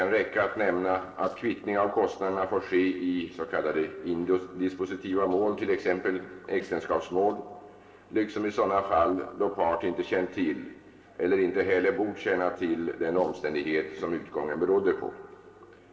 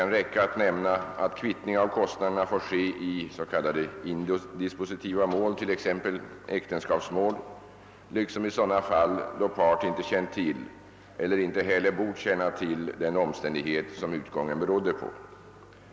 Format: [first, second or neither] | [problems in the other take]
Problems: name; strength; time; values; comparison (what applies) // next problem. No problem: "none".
second | noise reduction (neural separator model SepFormer DNS4)